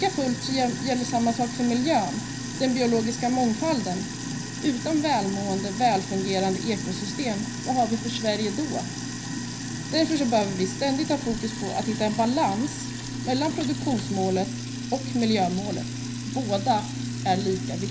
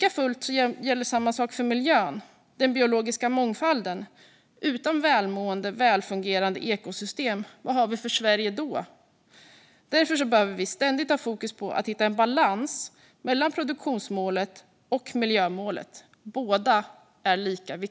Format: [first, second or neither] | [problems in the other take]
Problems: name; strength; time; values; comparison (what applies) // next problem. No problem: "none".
second | background sound (Sink (filling or washing)); 6 dB below the speech // room echo; dies away in 0.4 s